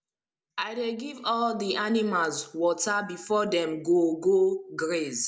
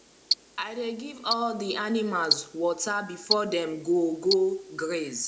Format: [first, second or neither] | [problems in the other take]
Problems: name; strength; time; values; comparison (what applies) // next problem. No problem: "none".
first | background sound (Tick-tock); 6 dB below the speech